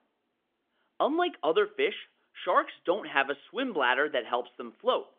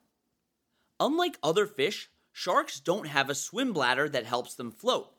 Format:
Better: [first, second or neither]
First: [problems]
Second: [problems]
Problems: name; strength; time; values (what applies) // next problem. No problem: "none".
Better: second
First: phone-call audio; nothing above 3.5 kHz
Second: none